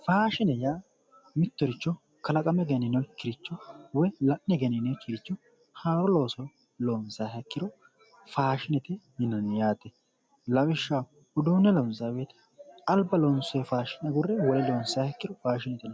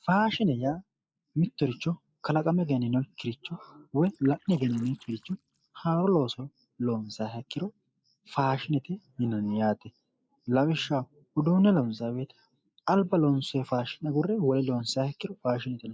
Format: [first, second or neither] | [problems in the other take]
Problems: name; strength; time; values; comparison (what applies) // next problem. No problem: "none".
first | noise reduction (neural mask model Resemble Enhance denoiser)